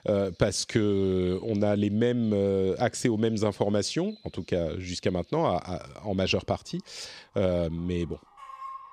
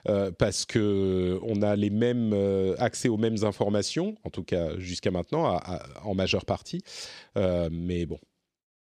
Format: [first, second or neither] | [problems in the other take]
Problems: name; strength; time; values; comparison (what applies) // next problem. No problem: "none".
second | animal sounds; faint; throughout; 25 dB below the speech